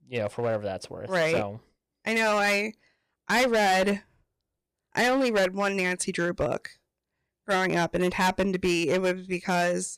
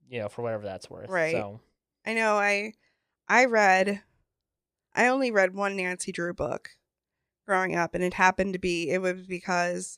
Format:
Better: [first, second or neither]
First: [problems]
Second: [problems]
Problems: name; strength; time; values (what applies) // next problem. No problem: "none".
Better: second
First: distortion; heavy; 9% of the sound clipped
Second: none